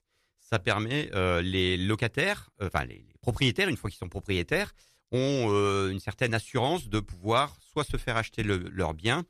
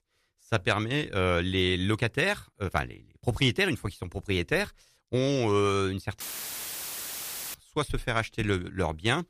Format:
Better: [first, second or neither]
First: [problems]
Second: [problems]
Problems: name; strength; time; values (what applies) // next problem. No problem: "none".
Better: first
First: none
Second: audio cutting out; filled with static; at 6 s for 1.5 s